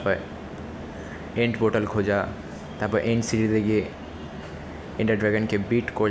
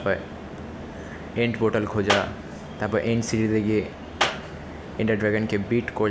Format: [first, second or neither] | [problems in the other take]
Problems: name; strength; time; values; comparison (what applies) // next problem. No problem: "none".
first | background sound (Clapping); 5 dB below the speech